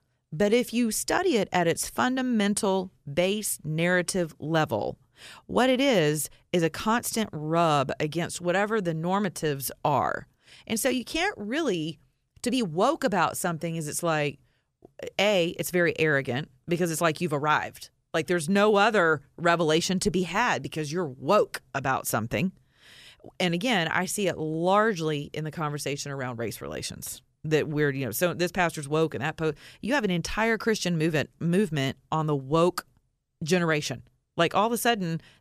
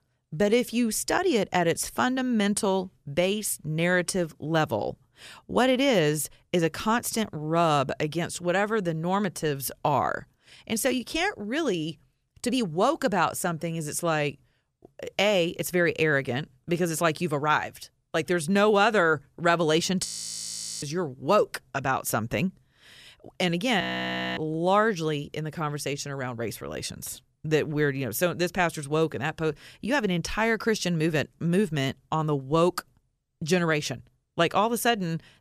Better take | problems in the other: first | audio freezing; at 20 s for 1 s and at 24 s for 0.5 s

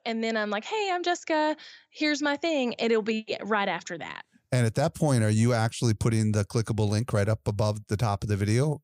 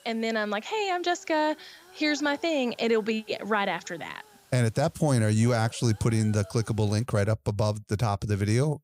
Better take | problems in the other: first | hiss; faint; until 7 s; 25 dB below the speech

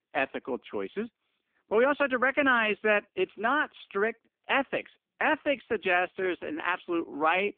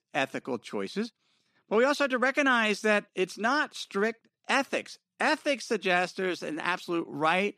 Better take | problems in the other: second | phone-call audio; poor line

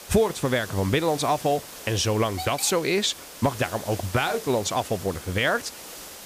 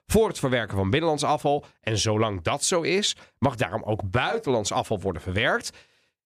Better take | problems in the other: second | hiss; noticeable; throughout; 10 dB below the speech

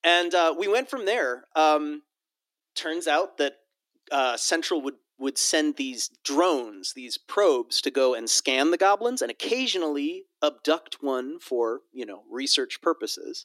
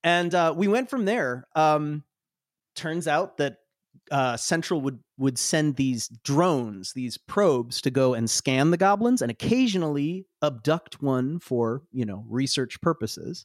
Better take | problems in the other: second | thin; somewhat; fading below 300 Hz

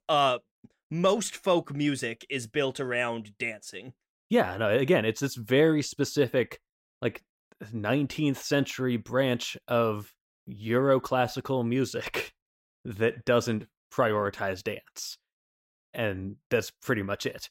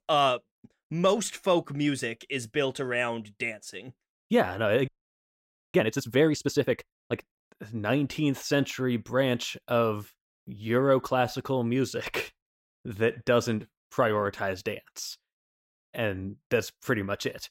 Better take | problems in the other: first | audio freezing; at 5 s for 1 s

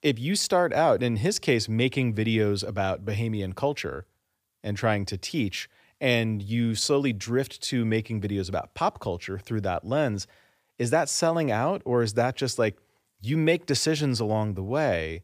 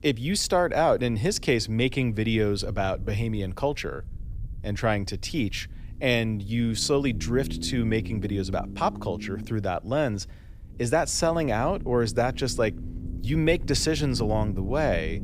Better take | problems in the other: first | low rumble; noticeable; throughout; 20 dB below the speech

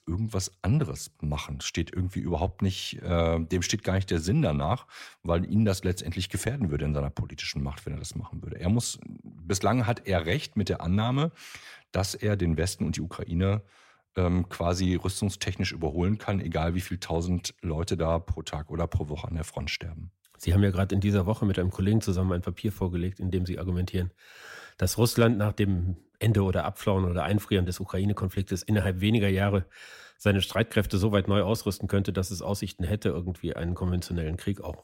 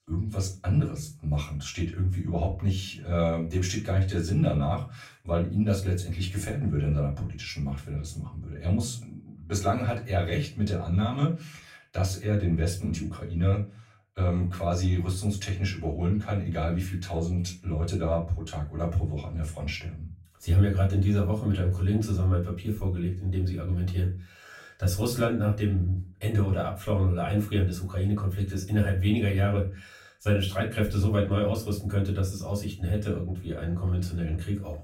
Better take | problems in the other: first | off-mic speech; far // room echo; slight; dies away in 0.3 s

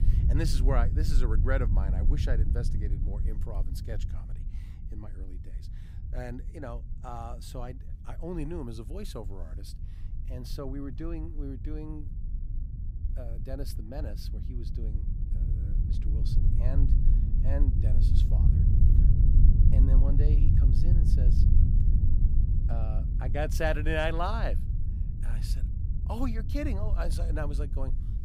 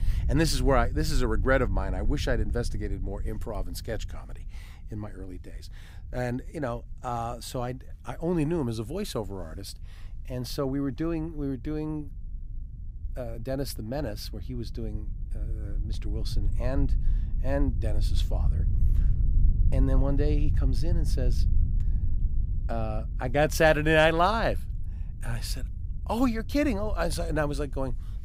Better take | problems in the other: second | low rumble; loud; throughout; 7 dB below the speech; faint in the second

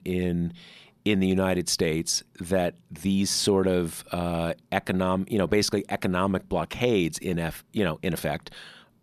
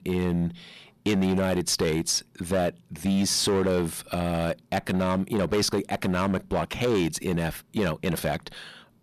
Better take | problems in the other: first | distortion; slight; 10% of the sound clipped

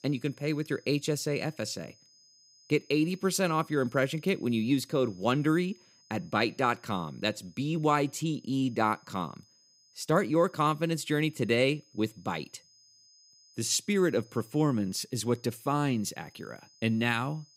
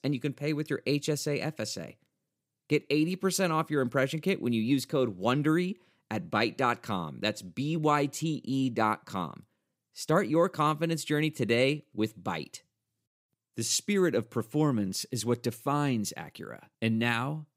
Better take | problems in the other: second | high-pitched whine; faint; throughout; 5 kHz, 30 dB below the speech

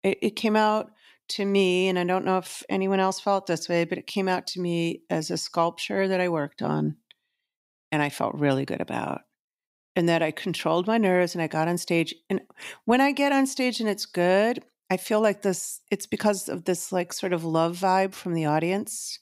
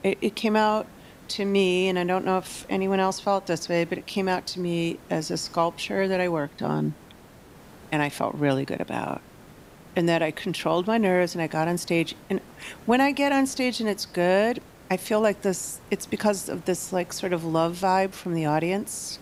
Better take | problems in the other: first | hiss; faint; throughout; 25 dB below the speech

